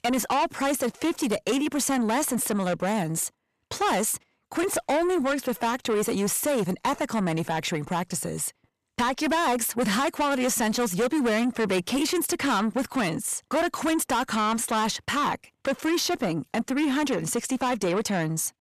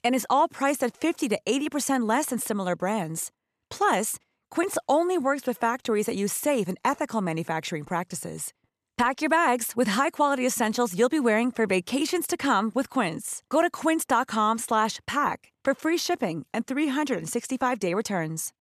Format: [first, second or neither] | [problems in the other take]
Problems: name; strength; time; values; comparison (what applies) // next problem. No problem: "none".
second | distortion; heavy; 8 dB below the speech